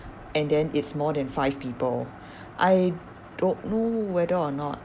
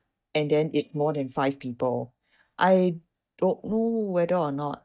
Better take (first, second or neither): first